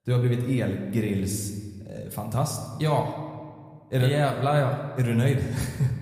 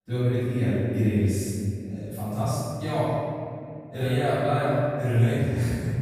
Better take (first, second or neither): first